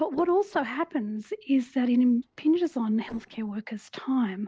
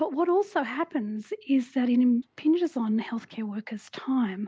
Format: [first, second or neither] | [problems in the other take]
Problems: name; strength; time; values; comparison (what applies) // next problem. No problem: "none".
second | noise reduction (neural separator model SepFormer DNS4)